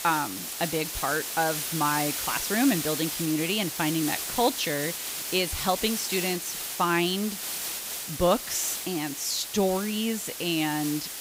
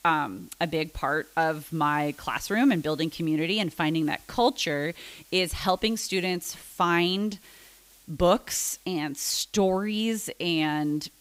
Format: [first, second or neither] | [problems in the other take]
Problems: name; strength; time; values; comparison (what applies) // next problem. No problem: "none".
second | hiss; loud; throughout; 3 dB below the speech; faint in the second